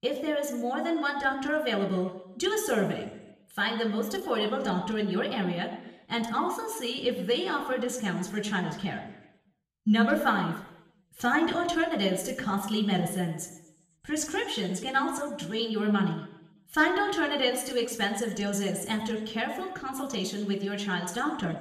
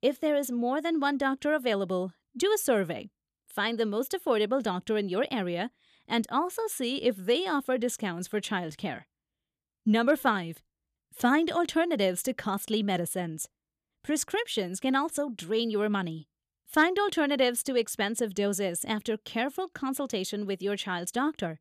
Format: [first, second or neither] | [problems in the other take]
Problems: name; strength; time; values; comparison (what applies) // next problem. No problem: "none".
second | room echo; slight; dies away in 0.8 s // off-mic speech; somewhat distant